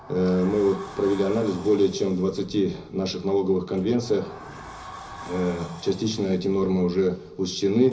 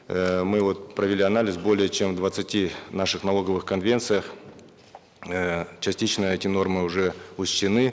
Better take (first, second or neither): second